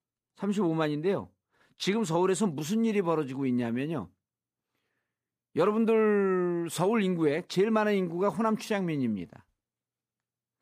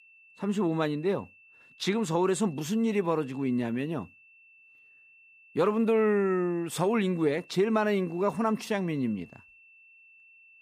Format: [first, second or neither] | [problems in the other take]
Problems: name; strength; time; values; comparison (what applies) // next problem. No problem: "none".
first | high-pitched whine; faint; throughout; 2.5 kHz, 25 dB below the speech